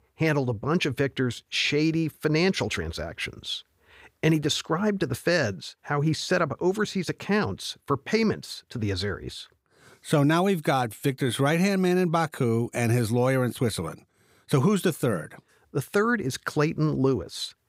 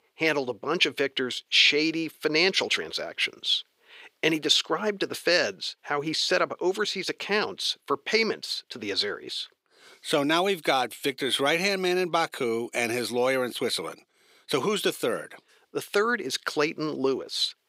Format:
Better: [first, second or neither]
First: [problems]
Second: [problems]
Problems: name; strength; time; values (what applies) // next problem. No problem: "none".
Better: first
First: none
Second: thin; somewhat; fading below 400 Hz